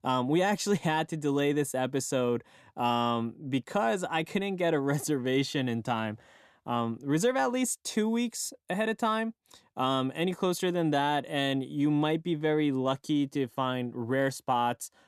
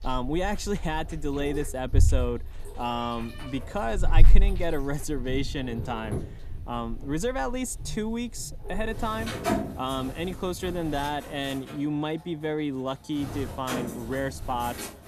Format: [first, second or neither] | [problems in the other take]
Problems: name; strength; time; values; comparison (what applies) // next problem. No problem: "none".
first | animal sounds; loud; throughout; 1 dB below the speech